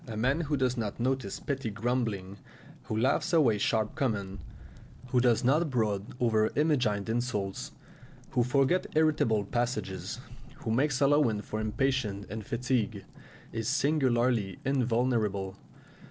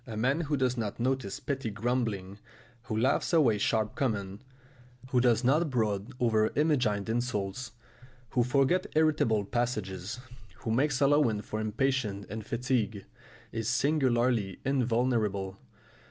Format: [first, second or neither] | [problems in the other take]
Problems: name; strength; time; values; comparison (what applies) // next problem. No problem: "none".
second | background sound (Fire + Boom); 19 dB below the speech